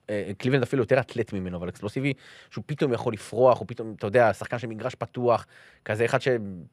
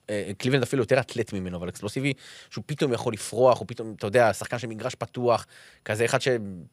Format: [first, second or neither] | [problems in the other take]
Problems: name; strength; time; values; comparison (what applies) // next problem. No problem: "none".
second | muffled; slightly; fading above 3.5 kHz